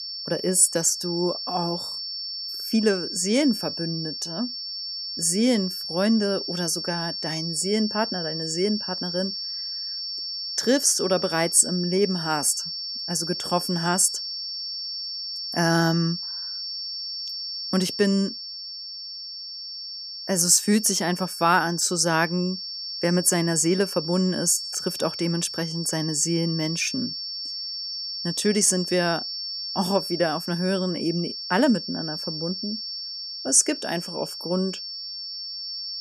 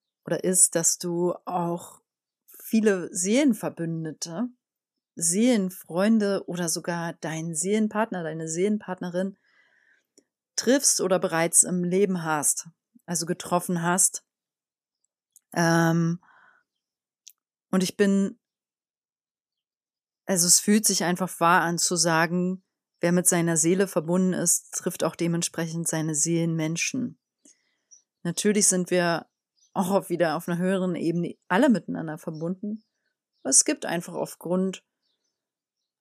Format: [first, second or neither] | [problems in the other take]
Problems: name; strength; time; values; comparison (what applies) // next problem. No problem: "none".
second | high-pitched whine; loud; throughout; 5.5 kHz, 6 dB below the speech